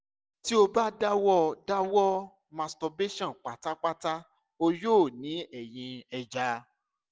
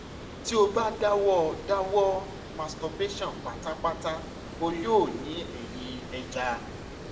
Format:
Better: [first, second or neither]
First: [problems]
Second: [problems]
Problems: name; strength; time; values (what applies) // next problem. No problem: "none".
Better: first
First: none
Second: background sound (Water); 11 dB below the speech // room echo; dies away in 0.6 s